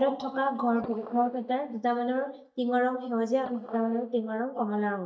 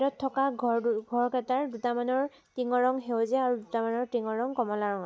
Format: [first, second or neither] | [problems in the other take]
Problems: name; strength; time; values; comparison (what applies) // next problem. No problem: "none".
second | noise reduction (neural mask model DeepFilterNet 3)